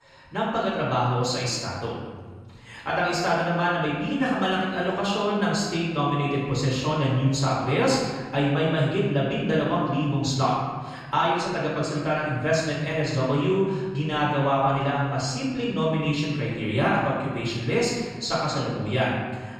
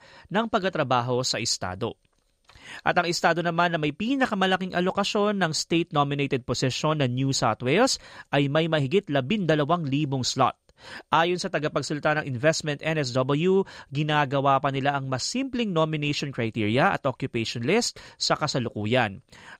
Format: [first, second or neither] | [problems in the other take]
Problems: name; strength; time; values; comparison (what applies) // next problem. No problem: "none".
second | off-mic speech; far // room echo; noticeable; dies away in 1.6 s